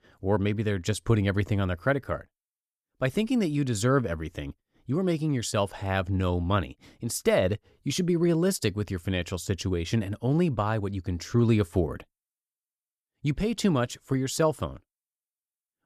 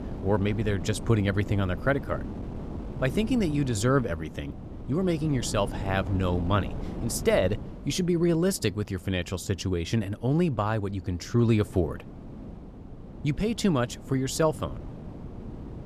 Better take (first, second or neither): first